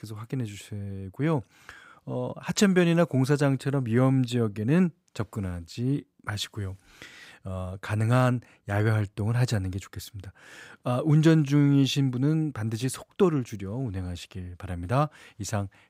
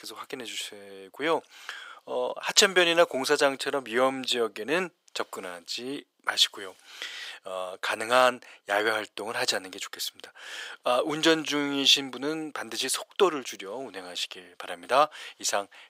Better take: first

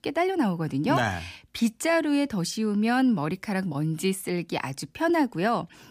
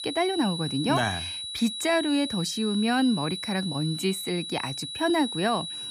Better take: first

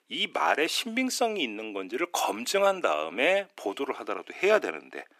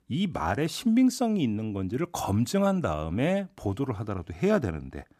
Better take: second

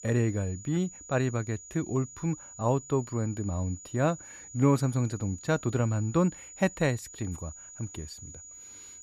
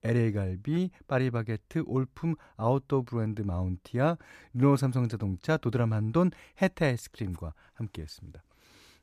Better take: second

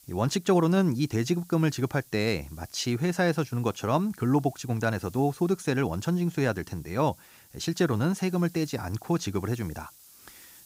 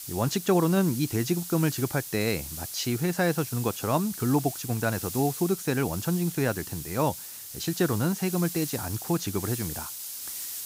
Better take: first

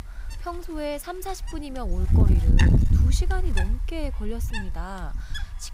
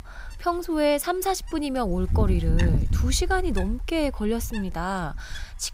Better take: second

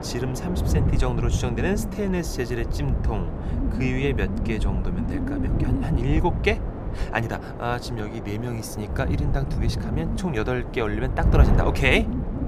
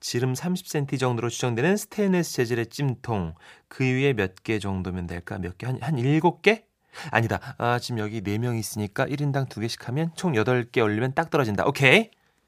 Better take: second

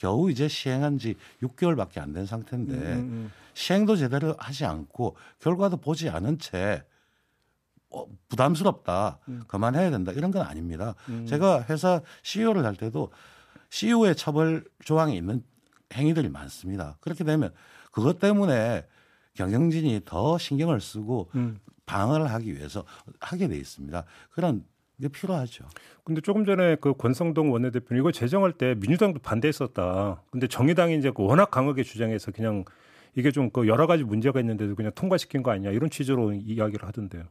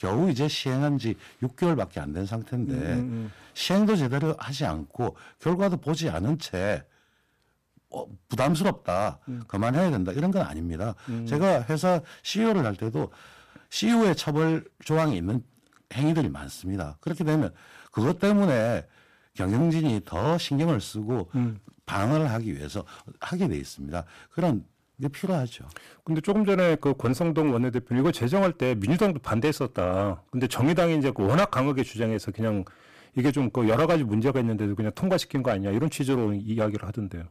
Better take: first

